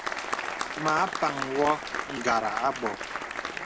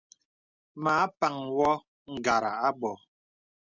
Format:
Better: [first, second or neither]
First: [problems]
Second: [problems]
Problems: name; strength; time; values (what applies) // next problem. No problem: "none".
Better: second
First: background sound (Applause); 3 dB below the speech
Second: none